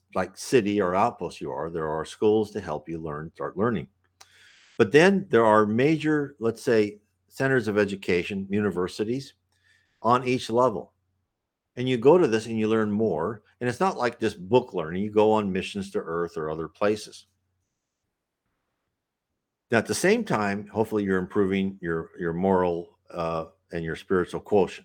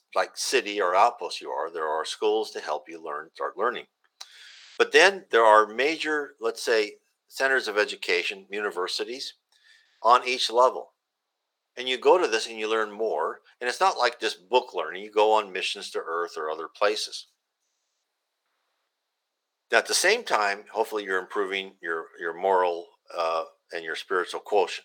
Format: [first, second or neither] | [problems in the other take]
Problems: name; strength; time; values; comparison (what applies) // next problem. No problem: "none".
first | thin; very; fading below 550 Hz